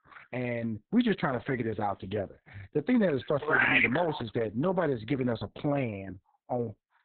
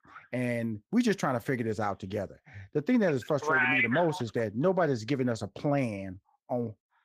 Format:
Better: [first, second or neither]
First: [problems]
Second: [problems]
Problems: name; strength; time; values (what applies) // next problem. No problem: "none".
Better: second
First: garbled, watery; badly; nothing above 4 kHz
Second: garbled, watery; slightly; nothing above 15 kHz